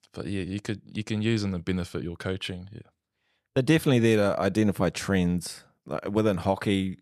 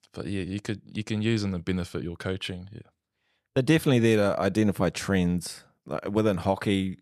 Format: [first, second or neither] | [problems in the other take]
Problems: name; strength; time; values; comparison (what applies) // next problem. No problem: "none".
neither | none